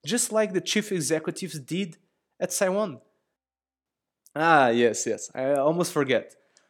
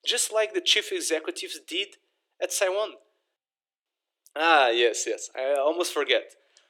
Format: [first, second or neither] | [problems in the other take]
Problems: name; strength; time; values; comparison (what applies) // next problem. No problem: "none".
first | thin; very; fading below 350 Hz